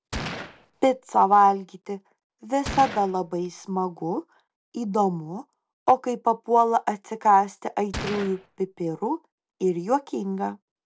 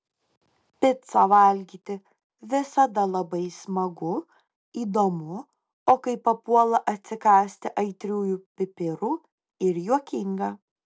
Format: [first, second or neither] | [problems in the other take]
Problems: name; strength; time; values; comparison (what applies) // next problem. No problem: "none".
second | background sound (Gunshot, gunfire); 11 dB below the speech